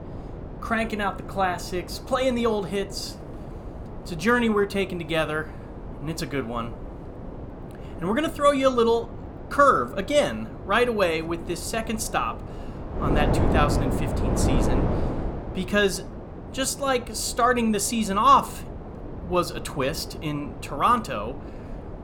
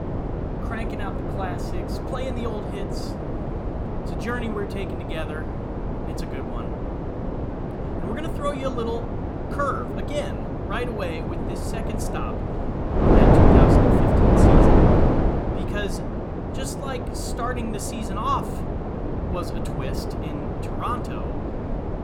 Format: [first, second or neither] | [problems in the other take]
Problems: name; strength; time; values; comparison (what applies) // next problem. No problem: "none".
first | wind noise on the microphone; heavy; 3 dB above the speech; occasional gusts in the first